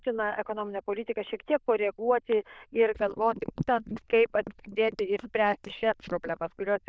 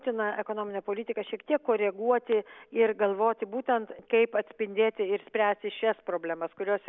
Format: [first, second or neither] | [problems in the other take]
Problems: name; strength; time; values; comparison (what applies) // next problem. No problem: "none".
second | noise reduction (neural diffusion model UNIVERSE++)